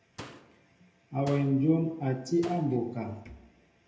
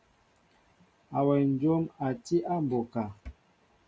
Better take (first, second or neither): second